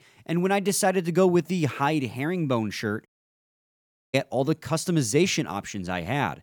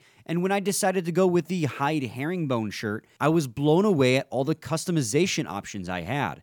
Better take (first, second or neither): second